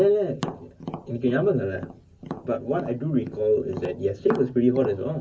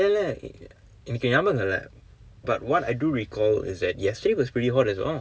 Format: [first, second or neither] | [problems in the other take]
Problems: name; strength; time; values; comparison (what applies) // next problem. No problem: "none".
second | background sound (Tap); 13 dB below the speech // room echo; dies away in 0.3 s